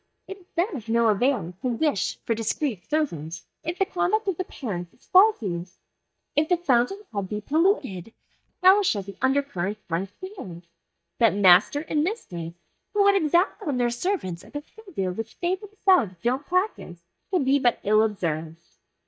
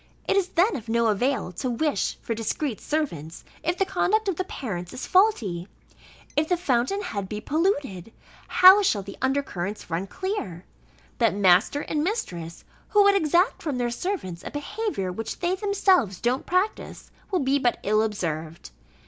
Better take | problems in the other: second | noise reduction (neural mask model DeepFilterNet 3)

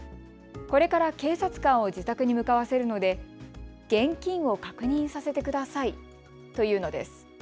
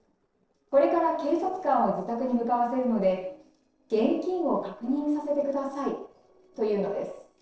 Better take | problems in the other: first | noise reduction (neural separator model SepFormer DNS4)

